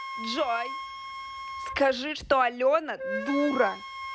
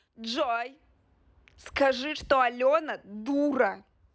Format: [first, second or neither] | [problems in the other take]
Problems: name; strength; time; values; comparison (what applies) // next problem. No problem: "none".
second | background sound (Wind instrument, woodwind instrument); 9 dB below the speech